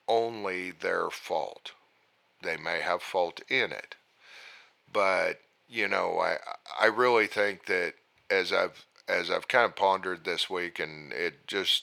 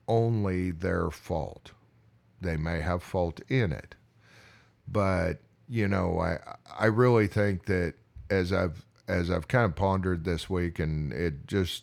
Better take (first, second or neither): second